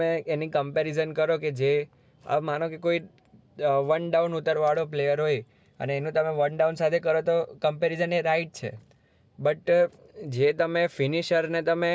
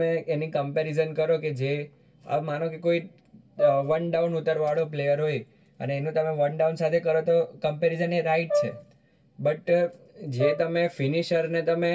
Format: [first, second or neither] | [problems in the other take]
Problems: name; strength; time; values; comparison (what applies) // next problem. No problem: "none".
first | background sound (Brass instrument); 6 dB below the speech // room echo; dies away in 0.2 s